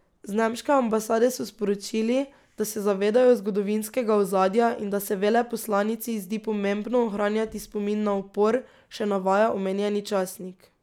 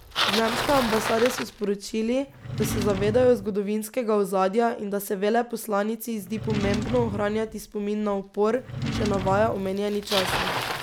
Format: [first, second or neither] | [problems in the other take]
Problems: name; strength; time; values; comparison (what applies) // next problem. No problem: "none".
first | background sound (Bicycle + Drawer open or close); 6 dB below the speech